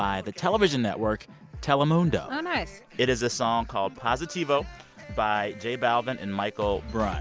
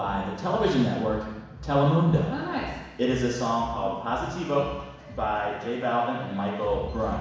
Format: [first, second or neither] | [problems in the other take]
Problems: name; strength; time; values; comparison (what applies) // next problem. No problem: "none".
first | room echo; dies away in 1.1 s